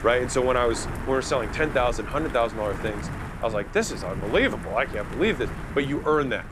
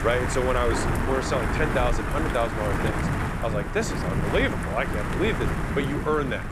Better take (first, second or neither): first